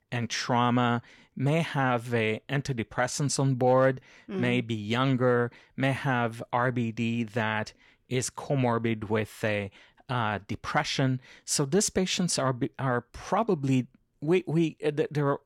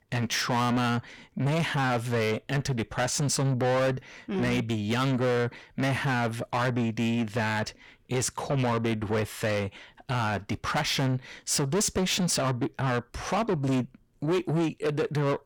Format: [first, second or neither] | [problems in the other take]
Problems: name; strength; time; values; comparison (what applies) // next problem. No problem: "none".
first | distortion; heavy; 8 dB below the speech